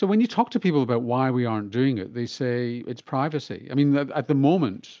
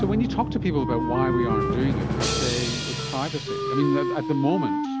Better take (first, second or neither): first